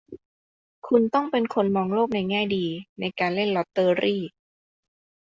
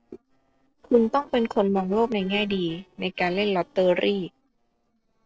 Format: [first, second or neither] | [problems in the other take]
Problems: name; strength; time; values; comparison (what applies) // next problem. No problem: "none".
first | noise reduction (neural separator model SepFormer DNS4)